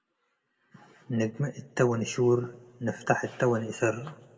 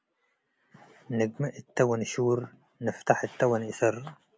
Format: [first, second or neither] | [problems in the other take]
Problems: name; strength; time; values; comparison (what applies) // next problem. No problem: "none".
second | room echo; dies away in 1 s